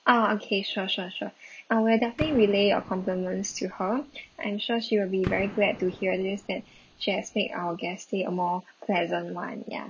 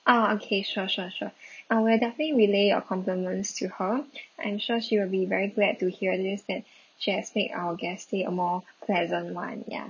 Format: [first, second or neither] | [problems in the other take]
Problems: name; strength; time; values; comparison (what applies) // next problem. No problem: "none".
second | background sound (Gunshot, gunfire); 14 dB below the speech